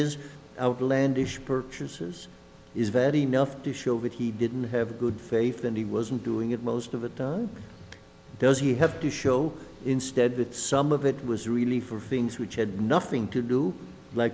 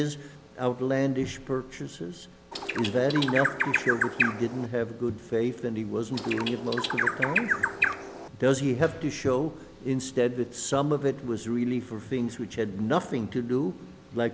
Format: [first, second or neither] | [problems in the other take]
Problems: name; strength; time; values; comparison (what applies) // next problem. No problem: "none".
first | background sound (Bird); as loud as the speech